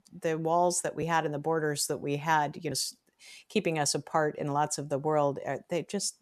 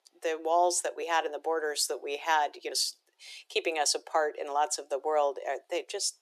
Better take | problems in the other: first | thin; very; fading below 350 Hz

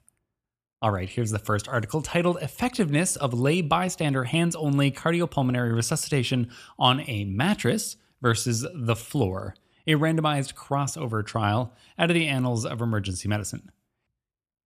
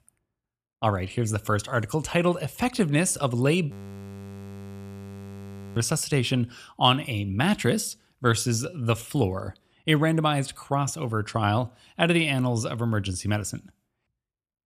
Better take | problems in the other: first | audio freezing; at 3.5 s for 2 s

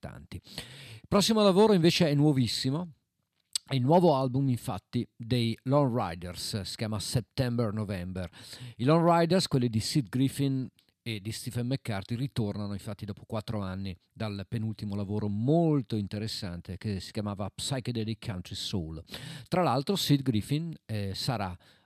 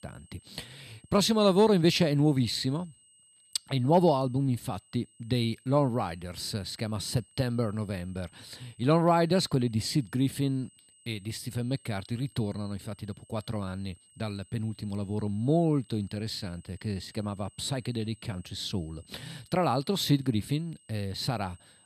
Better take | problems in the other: first | high-pitched whine; faint; throughout; 8 kHz, 30 dB below the speech

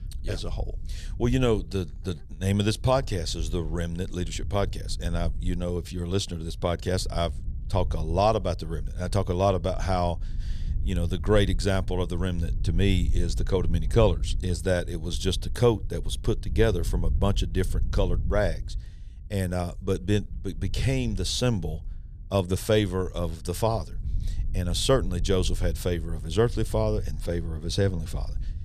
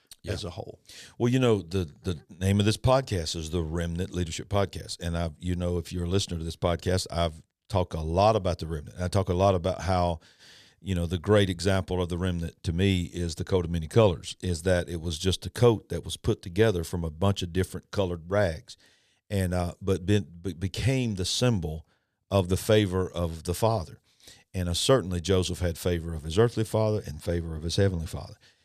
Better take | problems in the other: second | low rumble; faint; throughout; 25 dB below the speech

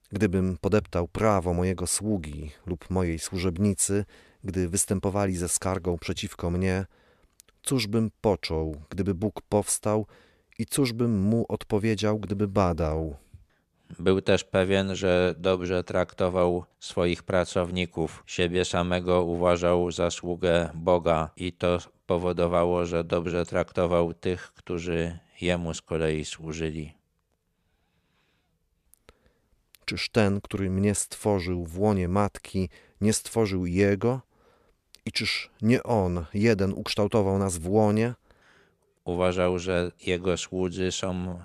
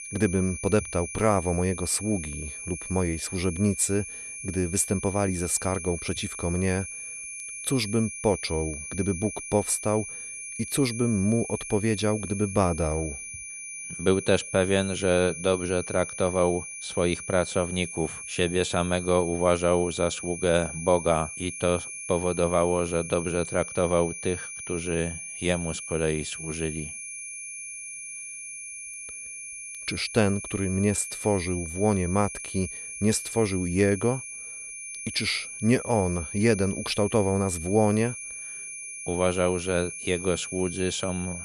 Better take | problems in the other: first | high-pitched whine; loud; throughout; 2.5 kHz, 9 dB below the speech

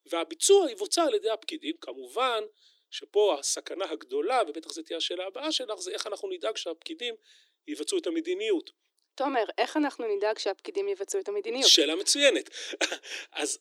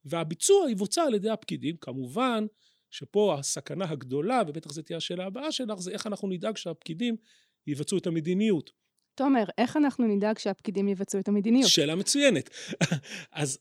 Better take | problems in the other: second | thin; somewhat; fading below 300 Hz

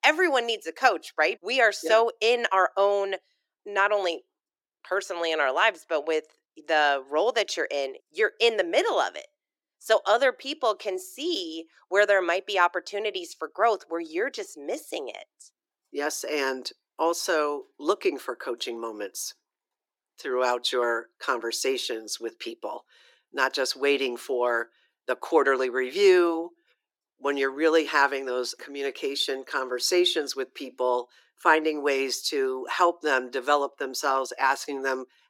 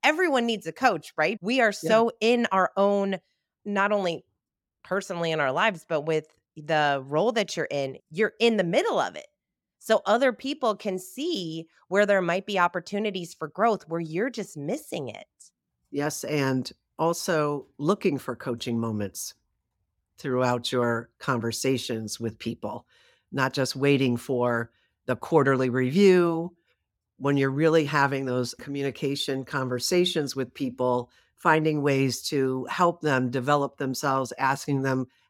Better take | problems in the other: second | thin; somewhat; fading below 350 Hz

